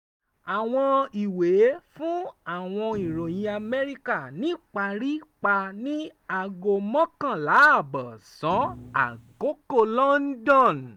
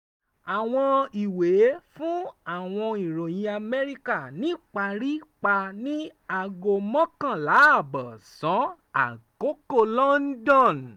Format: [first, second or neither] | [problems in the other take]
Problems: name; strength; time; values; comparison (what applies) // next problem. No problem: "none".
second | background sound (Thump, thud); 18 dB below the speech